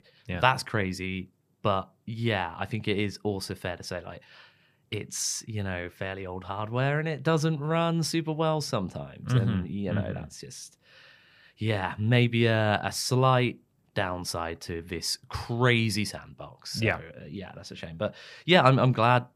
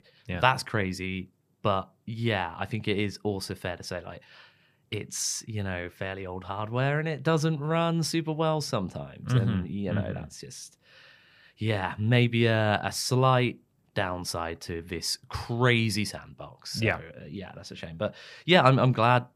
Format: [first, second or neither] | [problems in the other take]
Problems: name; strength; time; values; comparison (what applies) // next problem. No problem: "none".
neither | none